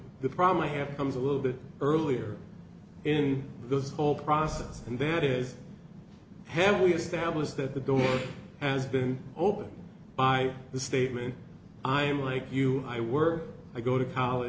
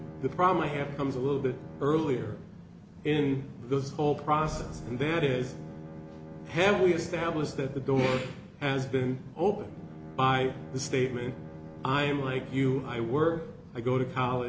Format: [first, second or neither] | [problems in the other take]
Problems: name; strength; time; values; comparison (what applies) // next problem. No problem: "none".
first | background sound (Bowed string instrument); 16 dB below the speech